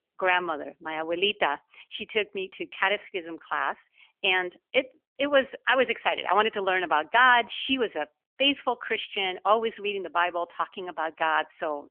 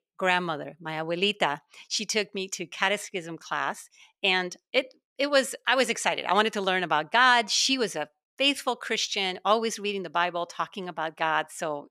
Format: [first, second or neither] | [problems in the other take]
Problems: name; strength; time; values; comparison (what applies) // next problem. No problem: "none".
second | phone-call audio; nothing above 3.5 kHz